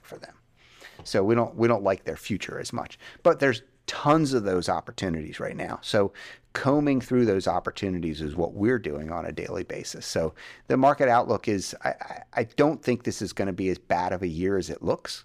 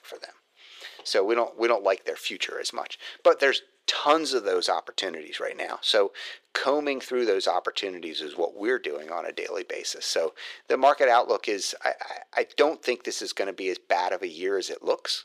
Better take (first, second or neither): first